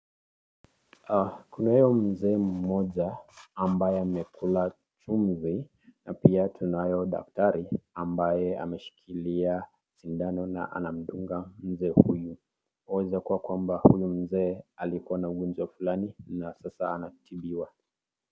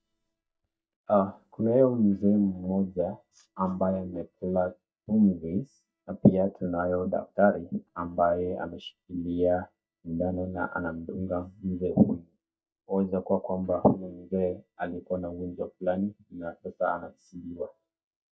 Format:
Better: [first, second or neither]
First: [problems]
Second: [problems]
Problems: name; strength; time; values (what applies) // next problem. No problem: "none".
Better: first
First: none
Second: noise reduction (neural mask model DeepFilterNet 3)